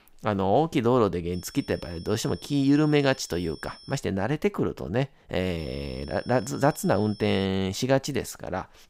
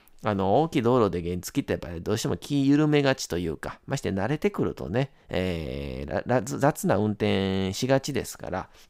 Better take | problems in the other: second | high-pitched whine; faint; from 1.5 to 4 s and from 5.5 to 7.5 s; 5.5 kHz, 20 dB below the speech

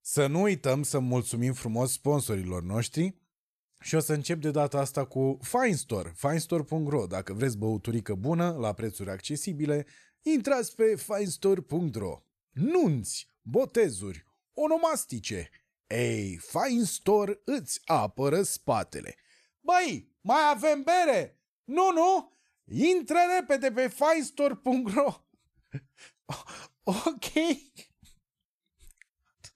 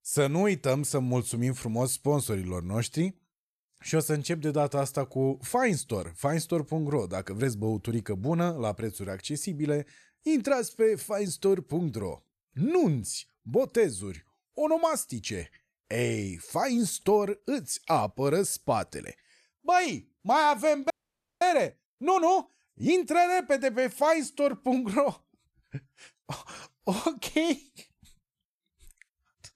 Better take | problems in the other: first | audio freezing; at 21 s for 0.5 s

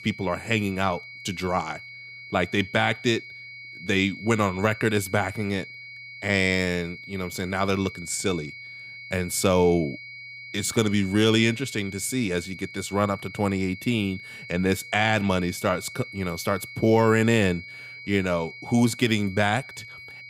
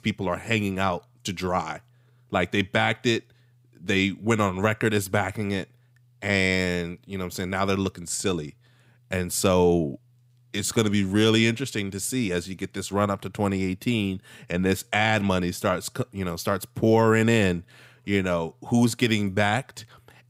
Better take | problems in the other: second | high-pitched whine; noticeable; throughout; 2 kHz, 15 dB below the speech

